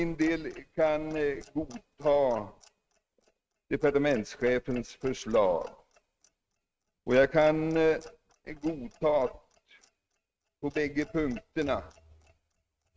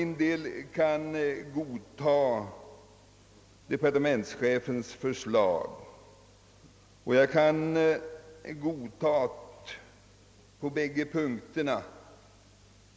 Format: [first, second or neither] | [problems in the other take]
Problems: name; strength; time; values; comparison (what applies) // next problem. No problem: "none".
second | noise reduction (neural mask model RNNoise)